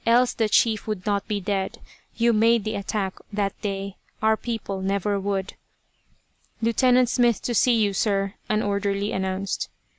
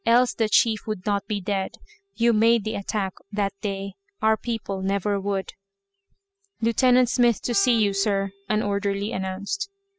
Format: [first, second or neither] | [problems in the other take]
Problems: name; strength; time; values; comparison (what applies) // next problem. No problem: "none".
first | noise reduction (classical method spectral subtraction)